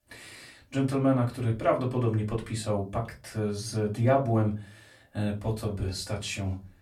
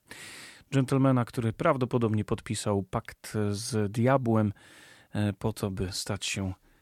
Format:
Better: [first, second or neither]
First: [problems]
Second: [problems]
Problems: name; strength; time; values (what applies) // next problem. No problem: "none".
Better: second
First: off-mic speech; far // room echo; very slight; dies away in 0.2 s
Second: none